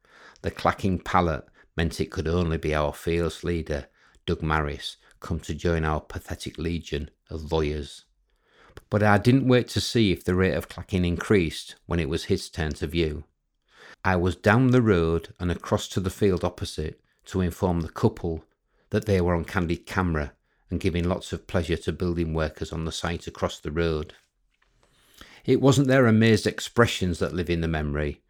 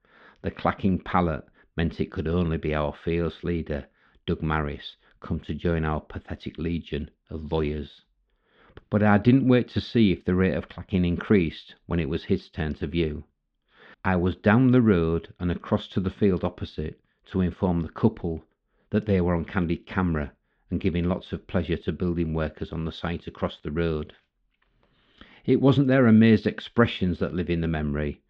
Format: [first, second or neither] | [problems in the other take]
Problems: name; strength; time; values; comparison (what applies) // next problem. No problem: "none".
first | muffled; slightly; fading above 3.5 kHz